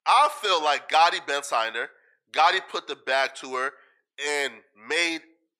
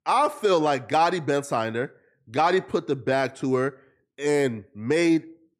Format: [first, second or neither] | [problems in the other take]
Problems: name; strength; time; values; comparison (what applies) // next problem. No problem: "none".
second | thin; very; fading below 900 Hz